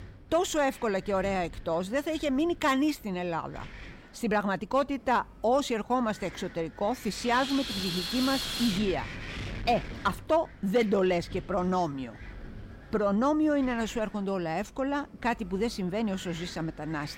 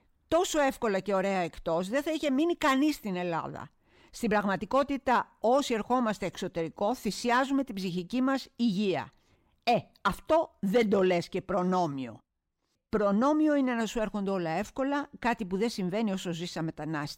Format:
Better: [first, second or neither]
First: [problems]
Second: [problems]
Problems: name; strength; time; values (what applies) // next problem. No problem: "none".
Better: second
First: wind noise on the microphone; heavy; 9 dB below the speech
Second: none